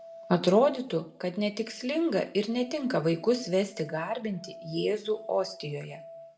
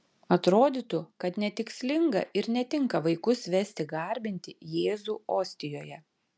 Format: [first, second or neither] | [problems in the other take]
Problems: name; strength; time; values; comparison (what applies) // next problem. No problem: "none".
second | background sound (Musical instrument); 20 dB below the speech // room echo; dies away in 0.5 s